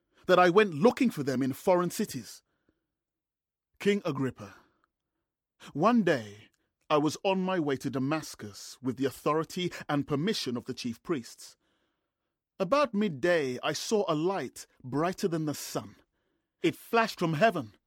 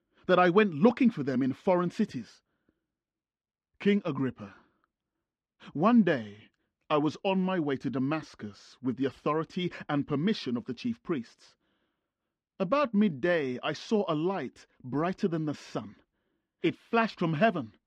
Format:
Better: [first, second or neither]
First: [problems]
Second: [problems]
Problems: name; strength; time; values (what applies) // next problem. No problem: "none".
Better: first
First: none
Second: muffled; very slightly; fading above 3 kHz